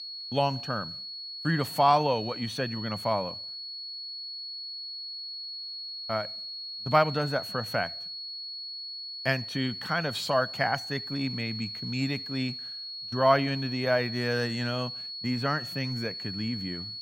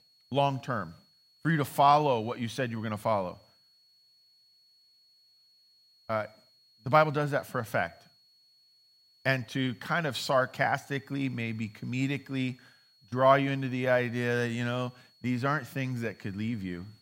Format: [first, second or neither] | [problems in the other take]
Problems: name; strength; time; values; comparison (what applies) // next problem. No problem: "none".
second | high-pitched whine; loud; throughout; 4.5 kHz, 7 dB below the speech; faint in the second